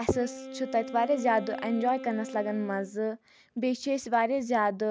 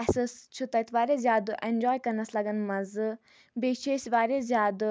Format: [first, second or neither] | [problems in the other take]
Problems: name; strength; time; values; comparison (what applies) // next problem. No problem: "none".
second | background sound (Wind instrument, woodwind instrument); 14 dB below the speech